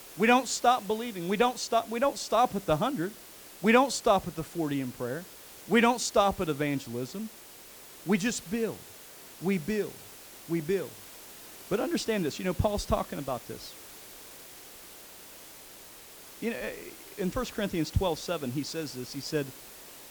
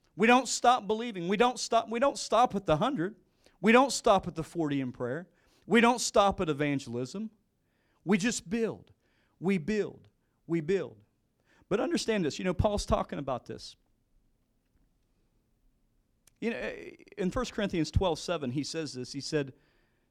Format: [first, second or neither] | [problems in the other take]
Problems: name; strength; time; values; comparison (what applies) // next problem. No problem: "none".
second | hiss; noticeable; throughout; 15 dB below the speech